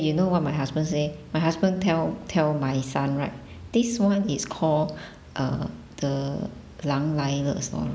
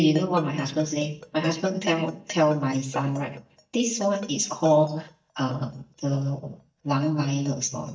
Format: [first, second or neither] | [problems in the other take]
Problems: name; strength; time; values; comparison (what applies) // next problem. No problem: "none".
first | noise reduction (neural mask model DeepFilterNet 3)